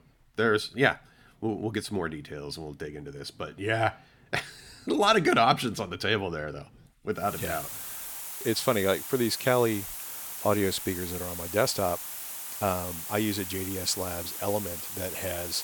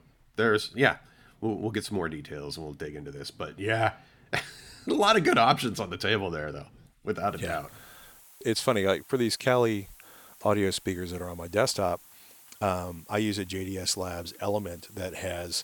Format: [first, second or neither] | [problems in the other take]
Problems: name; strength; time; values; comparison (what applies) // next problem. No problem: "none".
second | hiss; loud; from 7.5 s on; 6 dB below the speech; faint in the second